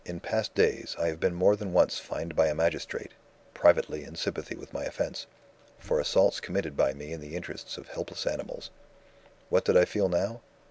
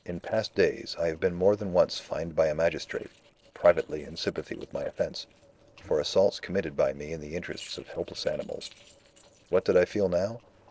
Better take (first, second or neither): first